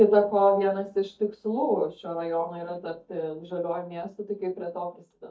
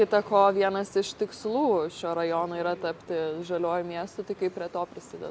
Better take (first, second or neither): second